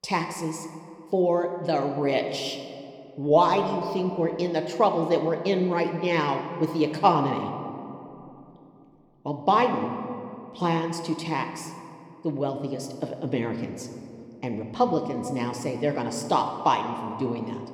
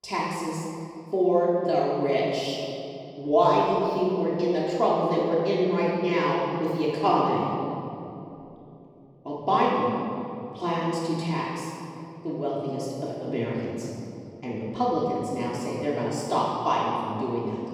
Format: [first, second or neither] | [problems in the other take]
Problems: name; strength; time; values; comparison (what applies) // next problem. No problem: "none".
first | room echo; strong; dies away in 2.5 s; slight in the first // off-mic speech; far